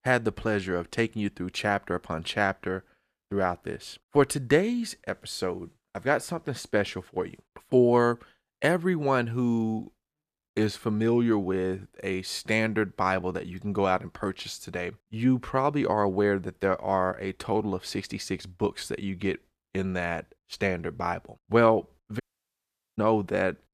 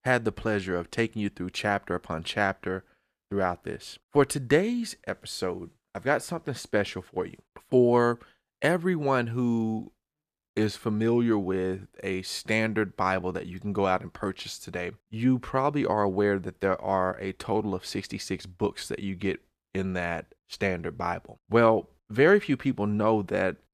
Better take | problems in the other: second | audio cutting out; at 22 s for 1 s

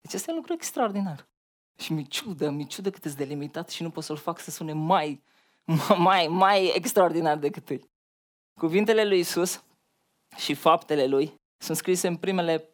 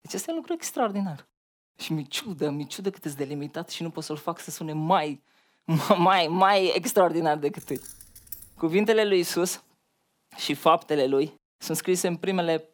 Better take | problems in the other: first | jangling keys; faint; at 7.5 s; peak 15 dB below the speech

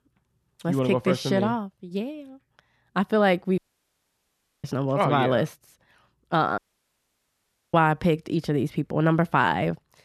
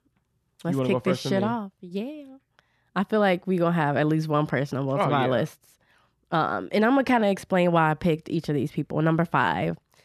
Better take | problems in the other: second | audio cutting out; at 3.5 s for 1 s and at 6.5 s for 1 s

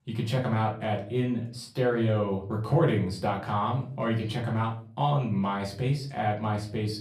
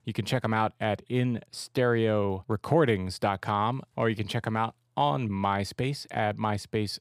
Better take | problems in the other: second | off-mic speech; far // room echo; slight; dies away in 0.5 s

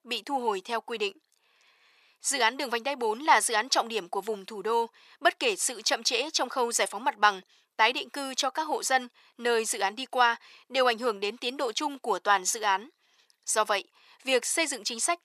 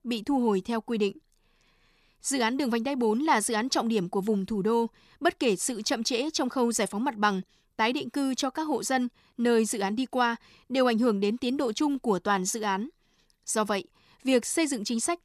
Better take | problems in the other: second | thin; very; fading below 650 Hz

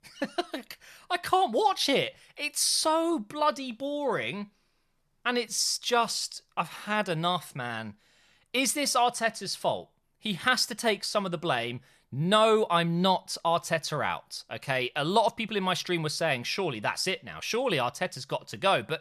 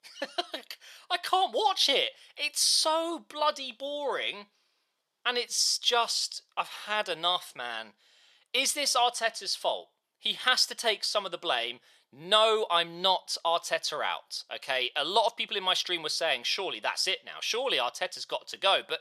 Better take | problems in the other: first | thin; somewhat; fading below 500 Hz

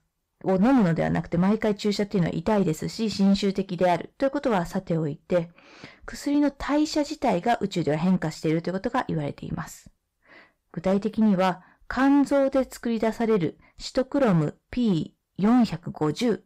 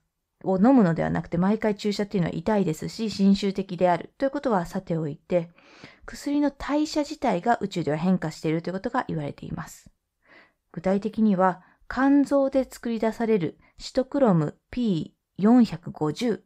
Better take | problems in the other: second | distortion; slight; 6% of the sound clipped

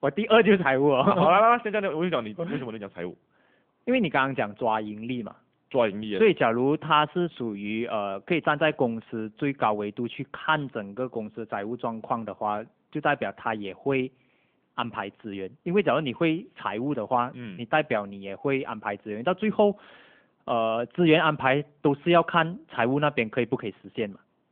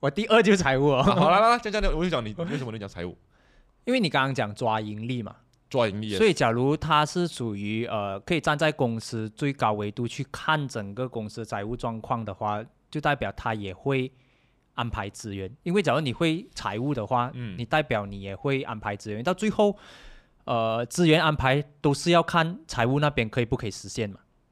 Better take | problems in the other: second | phone-call audio; nothing above 3.5 kHz

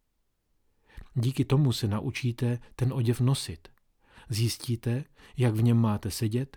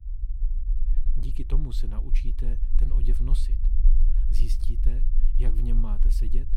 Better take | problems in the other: first | low rumble; loud; throughout; 7 dB below the speech

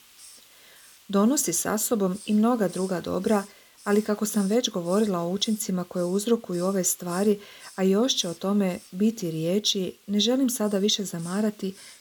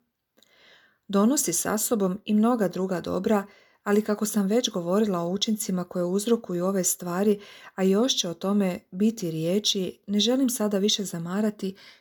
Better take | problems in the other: second | hiss; faint; throughout; 20 dB below the speech

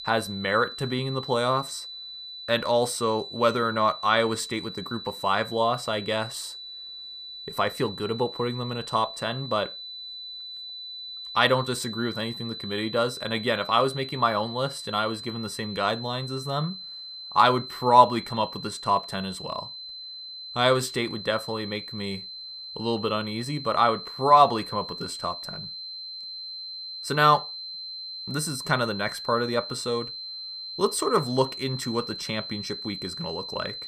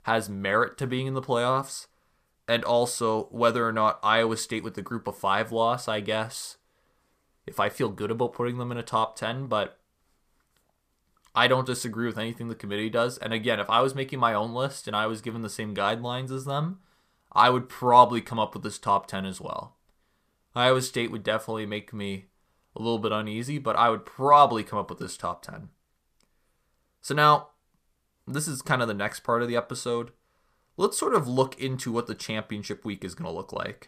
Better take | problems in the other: second | high-pitched whine; loud; throughout; 4 kHz, 10 dB below the speech

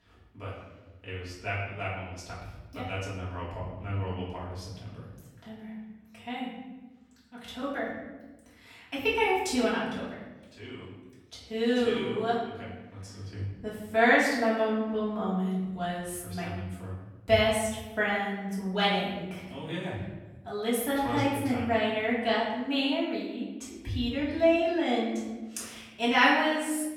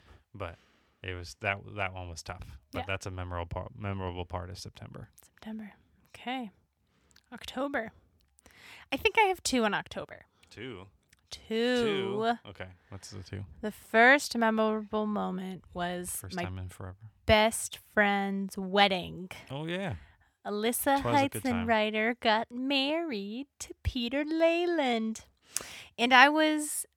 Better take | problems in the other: second | off-mic speech; far // room echo; noticeable; dies away in 1.1 s

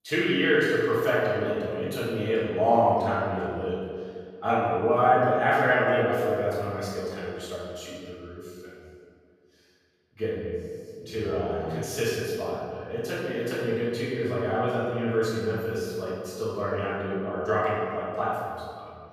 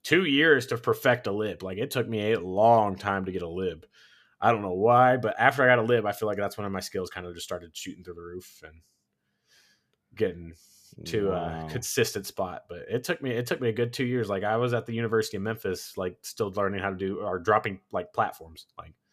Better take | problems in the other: second | room echo; strong; dies away in 1.8 s // off-mic speech; far

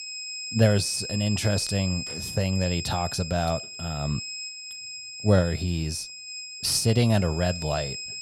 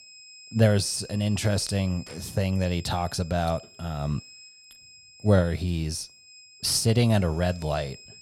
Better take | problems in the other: second | high-pitched whine; loud; throughout; 5 kHz, 8 dB below the speech; faint in the second

